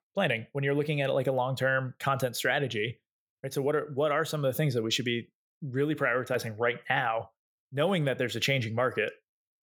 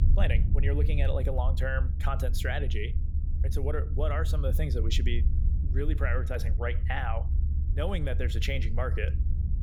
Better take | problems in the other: first | low rumble; noticeable; throughout; 10 dB below the speech

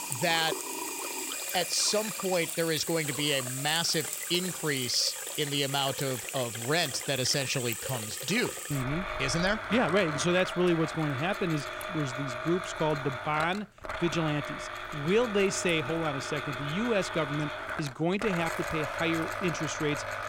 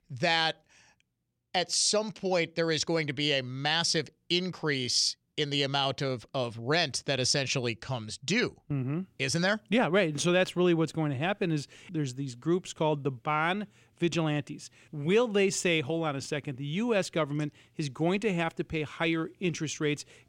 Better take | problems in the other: second | household noises; loud; throughout; 5 dB below the speech

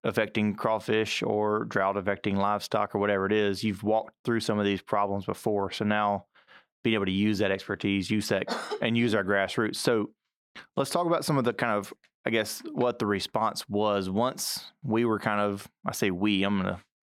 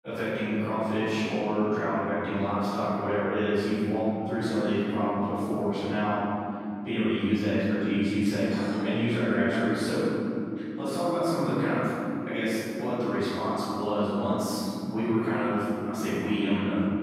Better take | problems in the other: first | off-mic speech; far // room echo; strong; dies away in 3 s

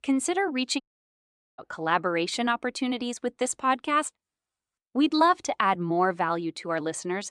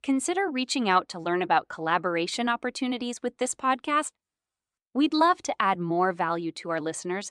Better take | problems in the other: second | audio cutting out; at 1 s for 1 s

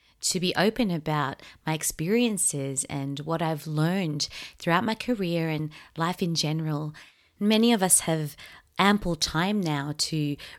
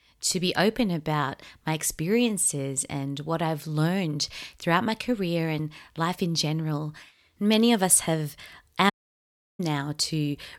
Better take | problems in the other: first | audio cutting out; at 9 s for 0.5 s

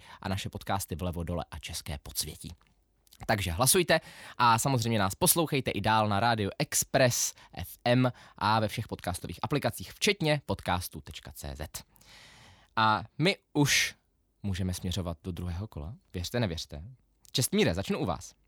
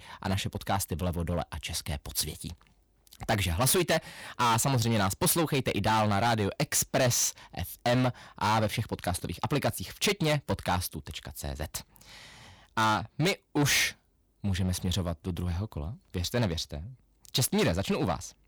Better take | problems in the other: first | distortion; heavy; 9% of the sound clipped

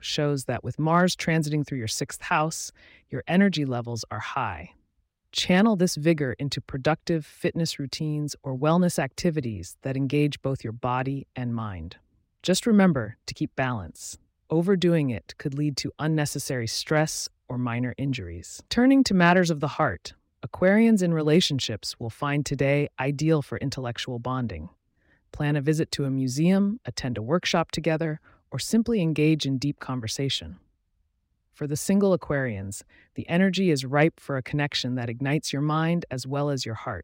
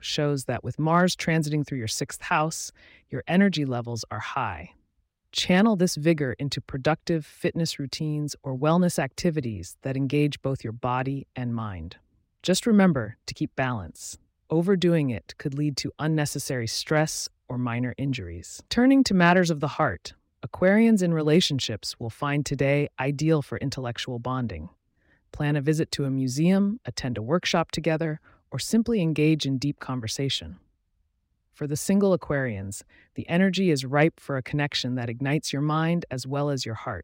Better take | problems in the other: neither | none

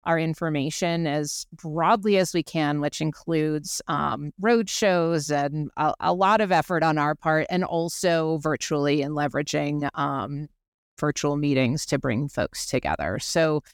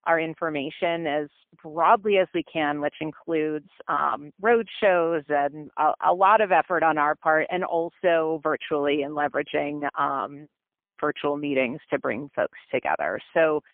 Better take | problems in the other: first | phone-call audio; poor line

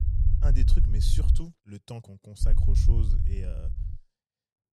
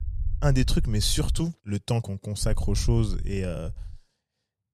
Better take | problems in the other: second | low rumble; loud; until 1.5 s and from 2.5 to 4 s; 2 dB below the speech; faint in the second

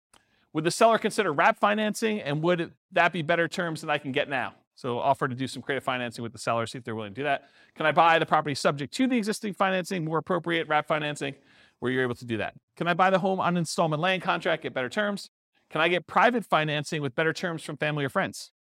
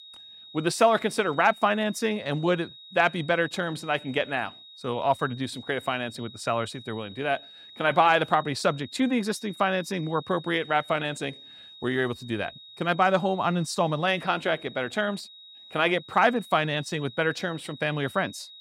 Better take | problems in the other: first | high-pitched whine; noticeable; throughout; 4 kHz, 20 dB below the speech

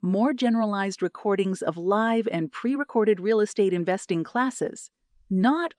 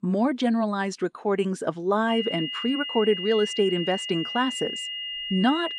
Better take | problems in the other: first | high-pitched whine; loud; from 2 s on; 3 kHz, 5 dB below the speech

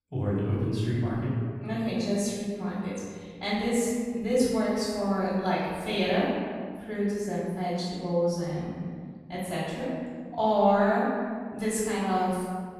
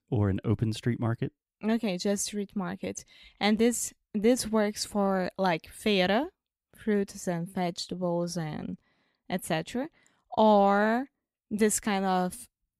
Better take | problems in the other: second | room echo; strong; dies away in 1.8 s // off-mic speech; far

